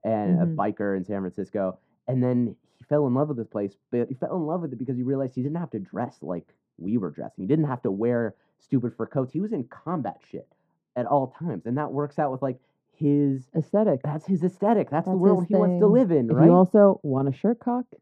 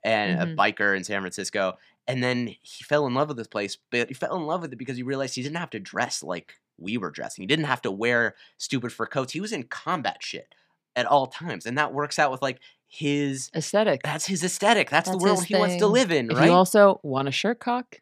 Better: second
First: muffled; very; fading above 1 kHz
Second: none

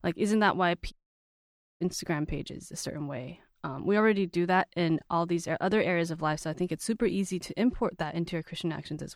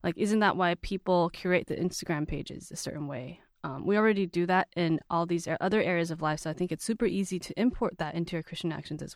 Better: second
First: audio cutting out; at 1 s for 1 s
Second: none

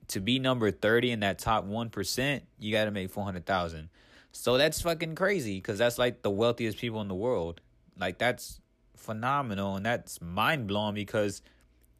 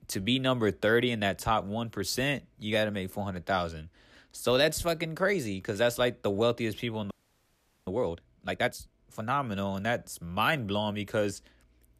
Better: first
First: none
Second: audio freezing; at 7 s for 1 s

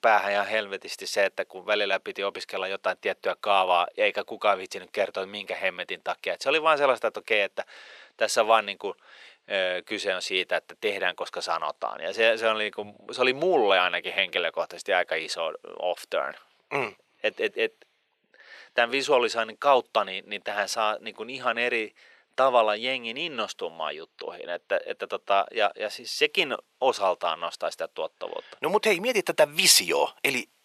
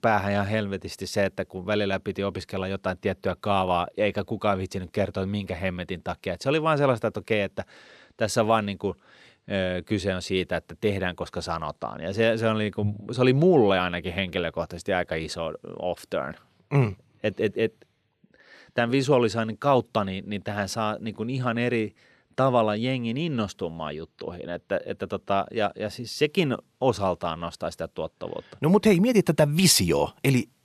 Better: second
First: thin; very; fading below 600 Hz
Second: none

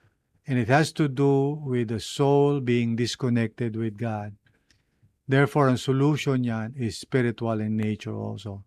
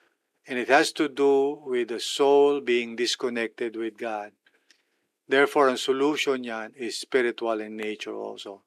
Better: first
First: none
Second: thin; somewhat; fading below 350 Hz

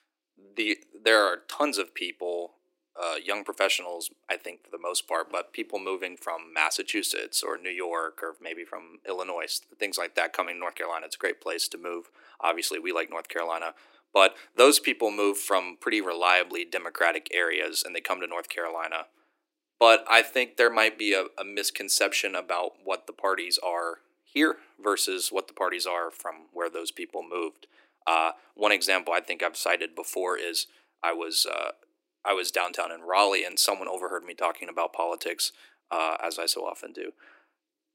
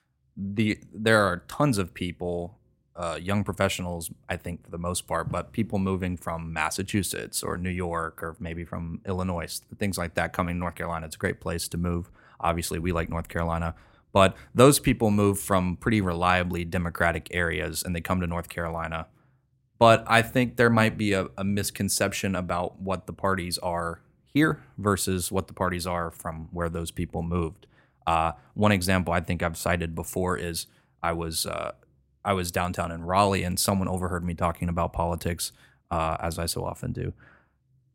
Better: second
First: thin; very; fading below 300 Hz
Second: none

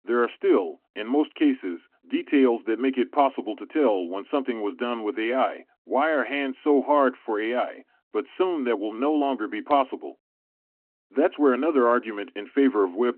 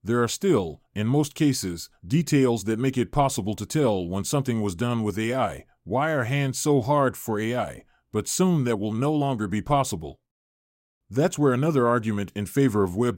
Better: second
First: phone-call audio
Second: none

